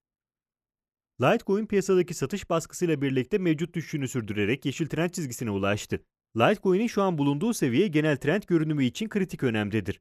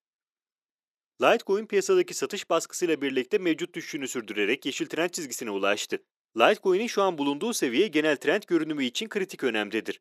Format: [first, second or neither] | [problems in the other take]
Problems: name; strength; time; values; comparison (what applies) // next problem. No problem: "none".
first | thin; somewhat; fading below 300 Hz